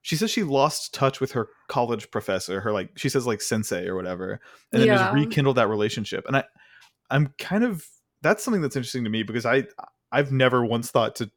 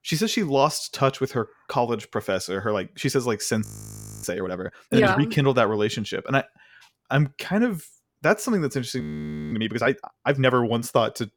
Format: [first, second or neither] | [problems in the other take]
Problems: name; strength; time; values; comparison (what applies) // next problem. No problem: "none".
first | audio freezing; at 3.5 s for 0.5 s and at 9 s for 0.5 s